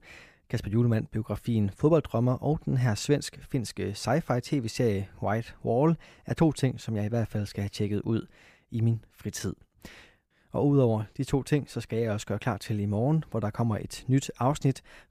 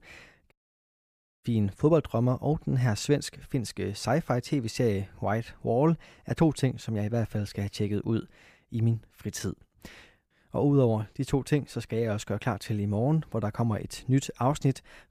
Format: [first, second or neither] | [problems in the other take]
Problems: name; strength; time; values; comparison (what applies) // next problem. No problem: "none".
first | audio cutting out; at 0.5 s for 1 s